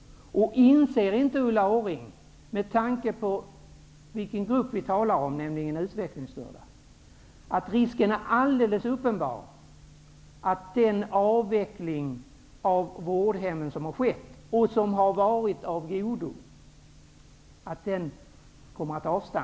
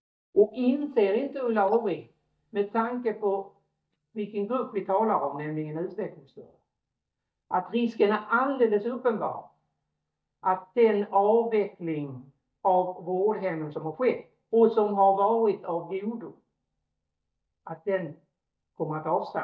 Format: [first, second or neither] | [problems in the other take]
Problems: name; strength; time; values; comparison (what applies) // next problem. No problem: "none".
first | noise reduction (neural mask model DeepFilterNet 3)